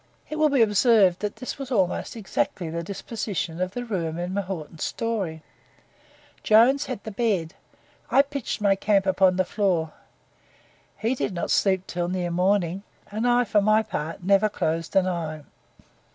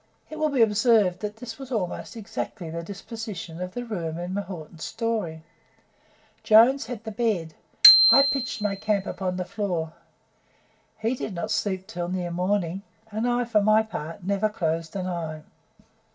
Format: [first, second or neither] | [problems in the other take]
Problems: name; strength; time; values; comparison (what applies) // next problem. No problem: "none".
first | background sound (Bicycle bell); 2 dB above the speech // room echo; dies away in 0.2 s